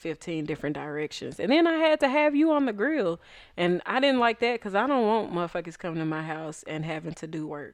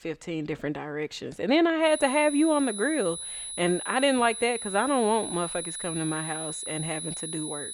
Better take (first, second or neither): first